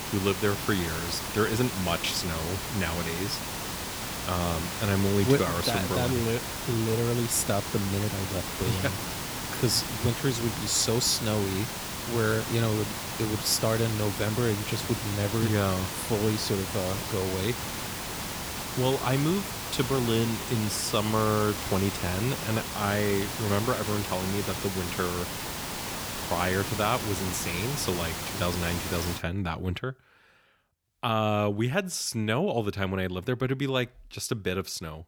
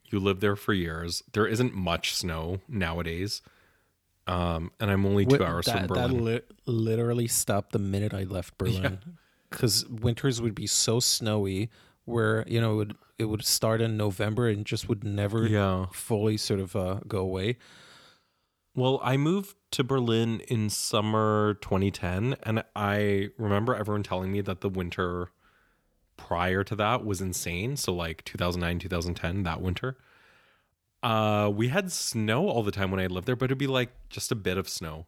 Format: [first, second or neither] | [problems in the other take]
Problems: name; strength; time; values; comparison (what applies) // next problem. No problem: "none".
second | hiss; loud; until 29 s; 4 dB below the speech